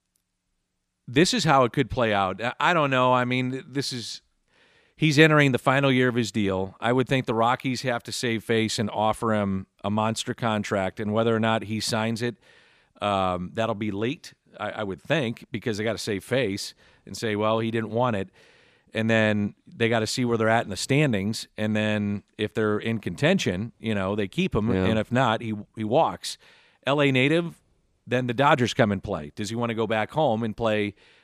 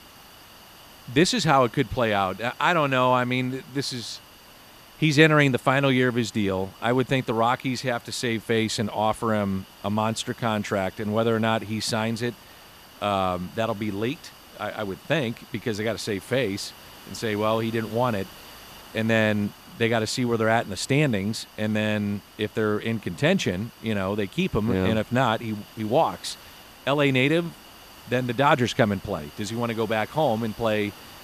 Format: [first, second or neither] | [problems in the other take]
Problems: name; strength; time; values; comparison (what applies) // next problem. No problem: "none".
first | hiss; faint; throughout; 20 dB below the speech